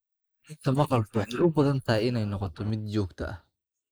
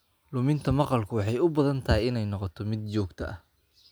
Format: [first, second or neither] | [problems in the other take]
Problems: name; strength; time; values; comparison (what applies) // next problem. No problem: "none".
second | noise reduction (neural mask model Resemble Enhance denoiser)